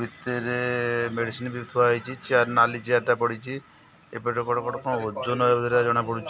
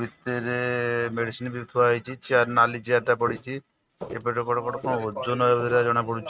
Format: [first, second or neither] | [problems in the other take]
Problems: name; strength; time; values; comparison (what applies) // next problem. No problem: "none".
first | noise reduction (neural mask model RNNoise)